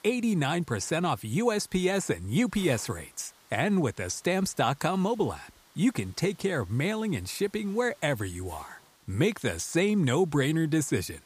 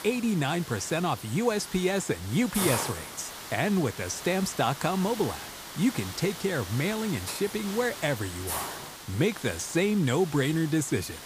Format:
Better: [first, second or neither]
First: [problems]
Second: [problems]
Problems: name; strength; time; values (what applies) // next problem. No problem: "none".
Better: first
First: hiss; faint; throughout; 25 dB below the speech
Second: hiss; loud; throughout; 9 dB below the speech